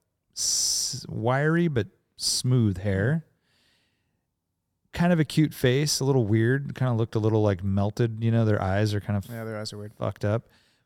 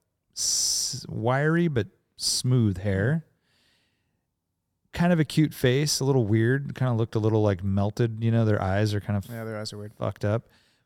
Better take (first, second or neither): neither